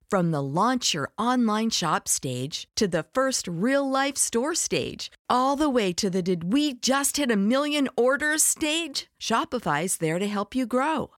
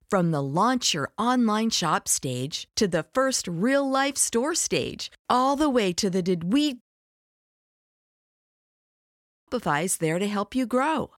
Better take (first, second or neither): first